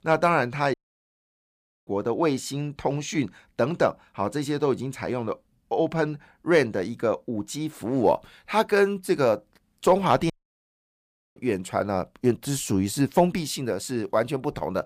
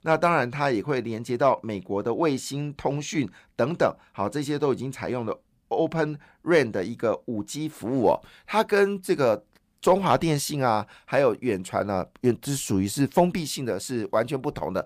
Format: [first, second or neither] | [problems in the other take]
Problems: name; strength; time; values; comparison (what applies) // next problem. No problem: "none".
second | audio cutting out; at 0.5 s for 1 s and at 10 s for 1 s